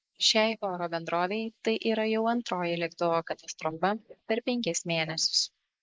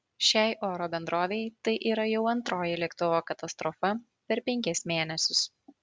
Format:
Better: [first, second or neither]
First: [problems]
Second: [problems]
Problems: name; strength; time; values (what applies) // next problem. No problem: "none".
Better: second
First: noise reduction (neural mask model Resemble Enhance denoiser)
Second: none